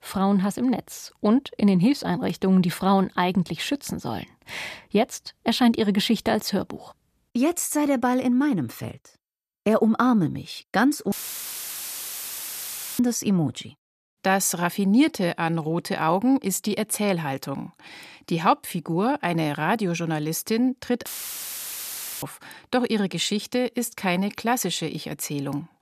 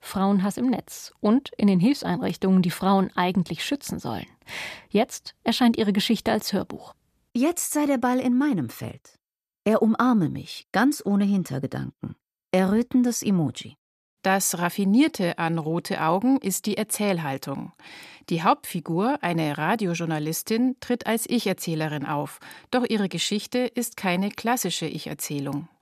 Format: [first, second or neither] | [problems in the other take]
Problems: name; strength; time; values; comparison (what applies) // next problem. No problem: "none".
second | audio cutting out; filled with static; at 11 s for 2 s and at 21 s for 1 s